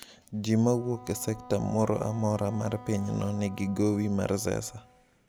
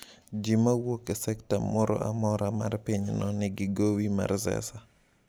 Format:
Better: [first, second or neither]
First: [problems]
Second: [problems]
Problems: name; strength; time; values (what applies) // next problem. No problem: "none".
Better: second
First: background sound (Wind instrument, woodwind instrument); 20 dB below the speech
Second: none